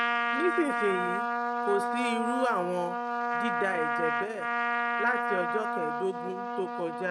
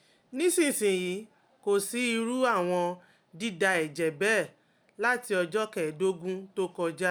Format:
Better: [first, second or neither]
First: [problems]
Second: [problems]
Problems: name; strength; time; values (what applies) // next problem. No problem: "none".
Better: second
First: noise reduction (neural mask model RNNoise)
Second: none